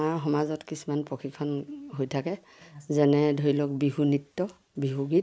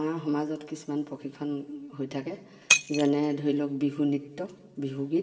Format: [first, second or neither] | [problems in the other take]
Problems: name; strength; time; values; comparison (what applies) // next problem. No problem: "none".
first | background sound (Shatter); 3 dB below the speech // room echo; dies away in 2.5 s